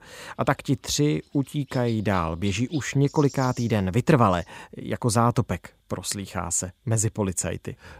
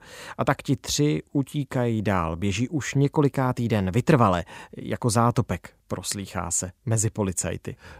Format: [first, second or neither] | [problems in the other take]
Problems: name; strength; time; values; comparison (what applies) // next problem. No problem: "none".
second | animal sounds; faint; throughout; 20 dB below the speech